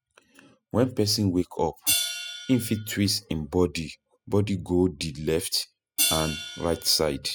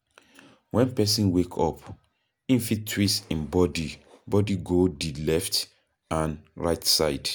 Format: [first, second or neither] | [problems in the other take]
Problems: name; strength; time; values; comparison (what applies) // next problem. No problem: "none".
second | noise reduction (classical method spectral subtraction)